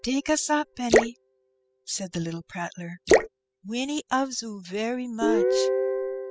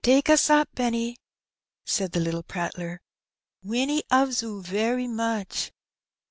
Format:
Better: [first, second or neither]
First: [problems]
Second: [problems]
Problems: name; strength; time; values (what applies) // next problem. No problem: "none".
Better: second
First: noise reduction (classical method spectral subtraction)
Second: none